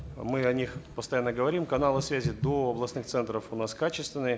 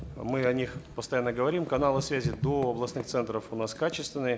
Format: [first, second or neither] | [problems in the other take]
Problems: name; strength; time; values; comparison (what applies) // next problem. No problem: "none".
first | background sound (Typing); 19 dB below the speech